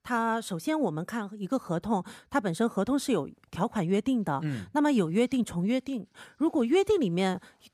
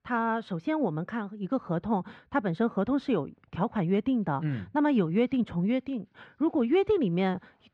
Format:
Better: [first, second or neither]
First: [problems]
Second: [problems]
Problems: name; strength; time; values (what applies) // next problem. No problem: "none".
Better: first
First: none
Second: muffled; slightly; fading above 3 kHz